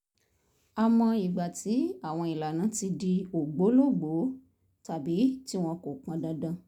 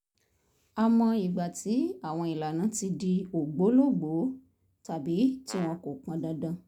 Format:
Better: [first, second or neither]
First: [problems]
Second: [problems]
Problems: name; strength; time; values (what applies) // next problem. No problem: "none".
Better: first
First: none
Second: background sound (Brass instrument); 20 dB below the speech